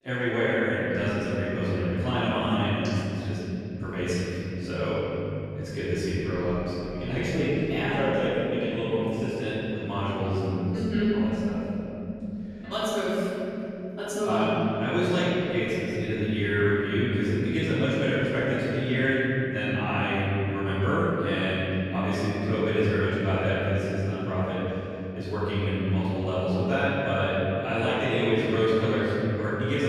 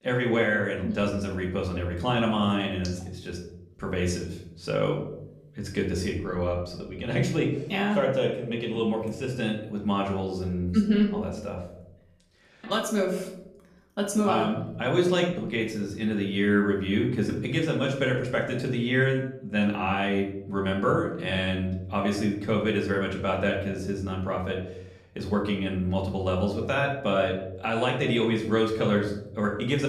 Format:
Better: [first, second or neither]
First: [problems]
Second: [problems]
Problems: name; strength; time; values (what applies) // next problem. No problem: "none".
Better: second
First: room echo; strong; dies away in 3 s // off-mic speech; far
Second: room echo; slight; dies away in 0.7 s // off-mic speech; far